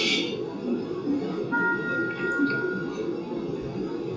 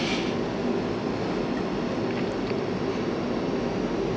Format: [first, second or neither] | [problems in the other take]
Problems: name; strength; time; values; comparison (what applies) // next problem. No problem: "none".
second | noise reduction (classical method WPE with log-MMSE)